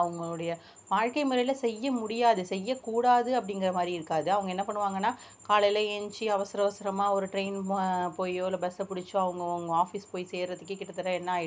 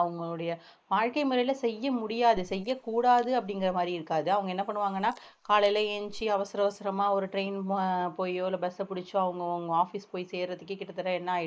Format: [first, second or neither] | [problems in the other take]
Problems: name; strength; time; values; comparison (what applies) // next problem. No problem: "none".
first | noise reduction (neural mask model Resemble Enhance denoiser)